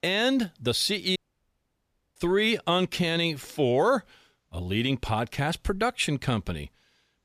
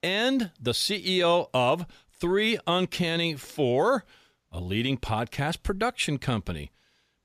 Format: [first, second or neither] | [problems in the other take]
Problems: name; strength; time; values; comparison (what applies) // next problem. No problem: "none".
second | audio cutting out; at 1 s for 1 s